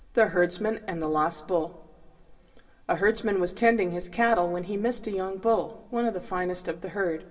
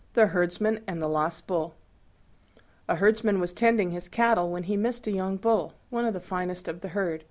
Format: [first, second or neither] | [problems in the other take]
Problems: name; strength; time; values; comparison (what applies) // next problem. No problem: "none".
second | room echo; dies away in 1.4 s